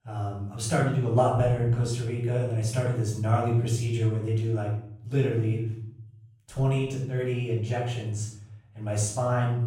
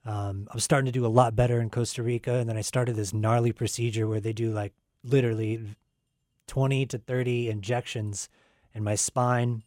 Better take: second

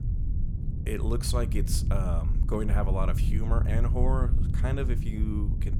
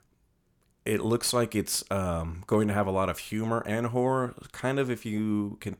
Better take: second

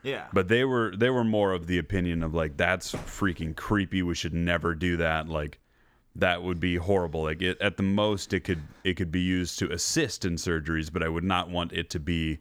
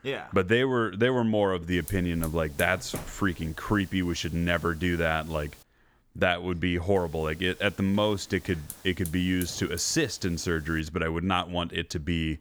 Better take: first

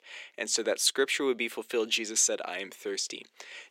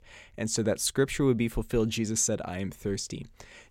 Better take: second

